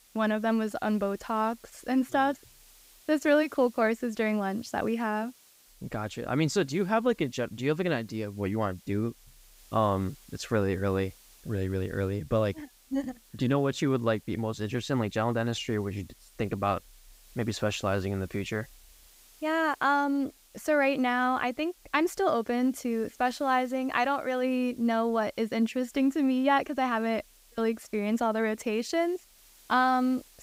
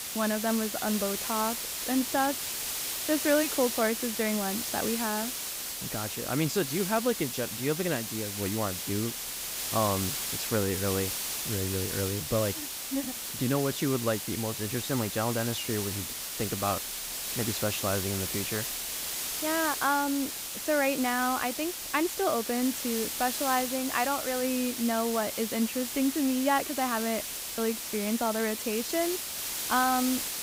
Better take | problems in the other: first | hiss; loud; throughout; 2 dB below the speech; faint in the first

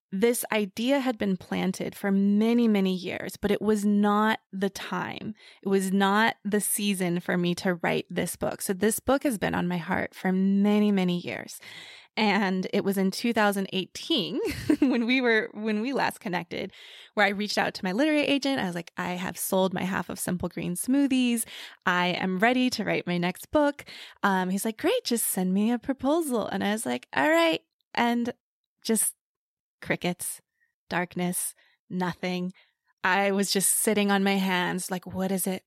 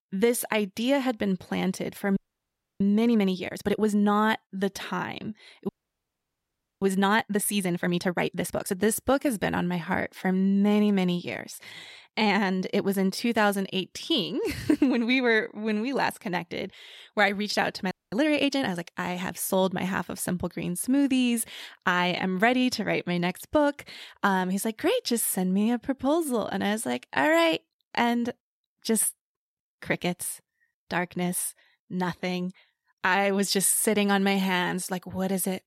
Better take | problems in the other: first | audio freezing; at 2 s for 0.5 s, at 5.5 s for 1 s and at 18 s

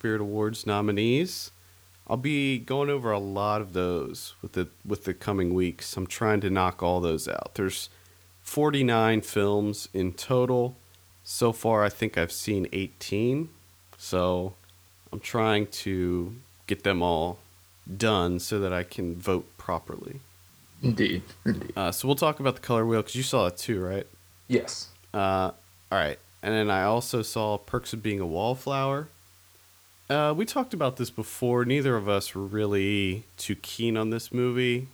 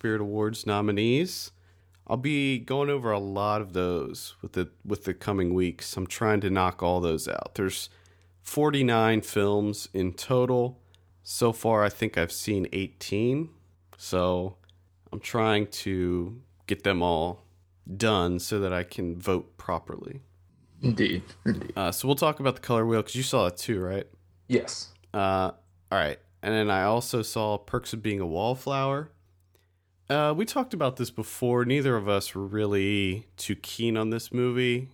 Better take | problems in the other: second | hiss; faint; throughout; 30 dB below the speech

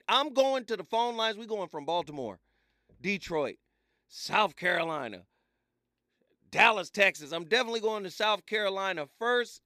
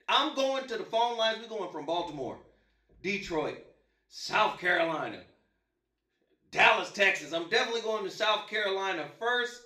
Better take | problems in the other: first | room echo; slight; dies away in 0.4 s // off-mic speech; far

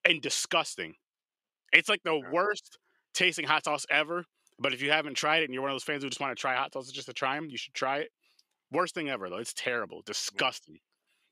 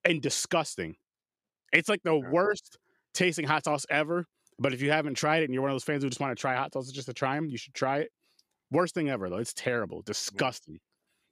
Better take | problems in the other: second | thin; very slightly; fading below 450 Hz

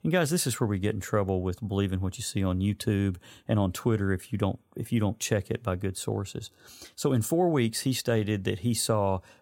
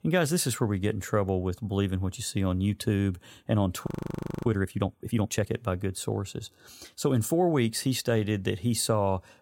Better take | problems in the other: first | audio freezing; at 4 s for 0.5 s

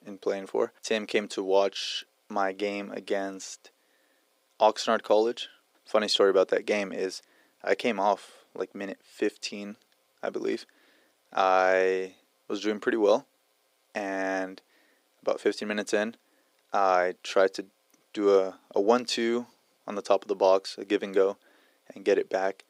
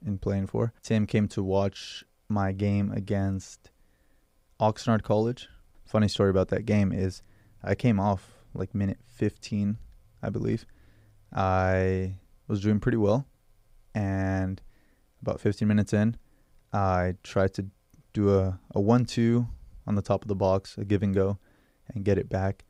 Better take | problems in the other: second | thin; very; fading below 300 Hz

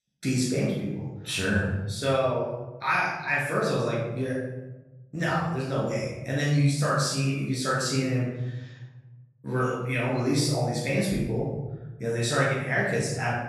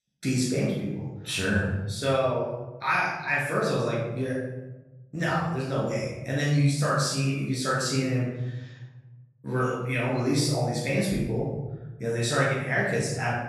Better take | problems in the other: neither | room echo; noticeable; dies away in 1.2 s; the same in both // off-mic speech; far; the same in both

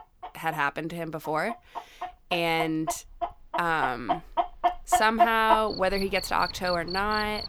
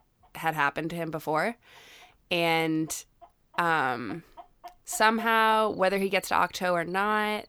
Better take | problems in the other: second | animal sounds; loud; throughout; 4 dB below the speech; faint in the second

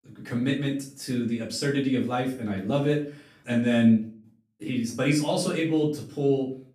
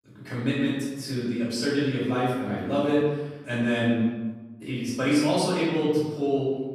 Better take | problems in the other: first | room echo; strong; dies away in 1.1 s; slight in the first // off-mic speech; far; far in the first

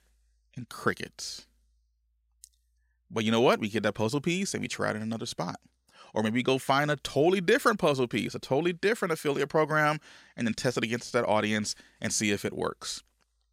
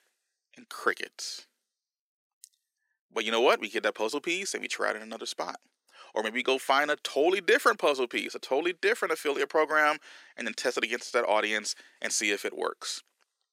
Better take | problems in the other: first | thin; somewhat; fading below 300 Hz

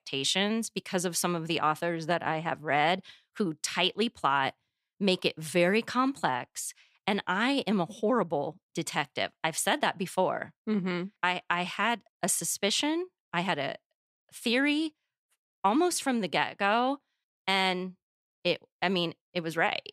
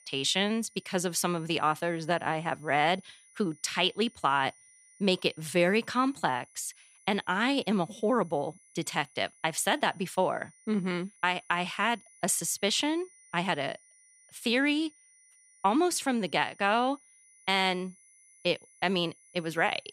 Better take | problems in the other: first | high-pitched whine; faint; throughout; 9.5 kHz, 25 dB below the speech

